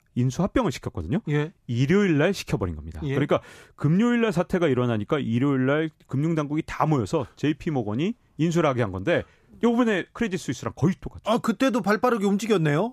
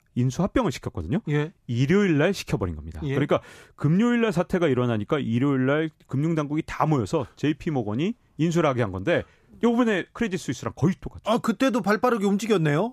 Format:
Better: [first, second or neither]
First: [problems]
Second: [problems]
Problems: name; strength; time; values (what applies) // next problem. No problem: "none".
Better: neither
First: none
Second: none